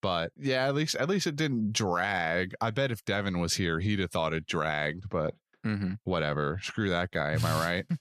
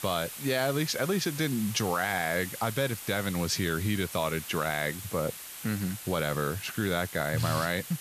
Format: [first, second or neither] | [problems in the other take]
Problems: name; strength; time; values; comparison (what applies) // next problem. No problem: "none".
first | hiss; loud; throughout; 9 dB below the speech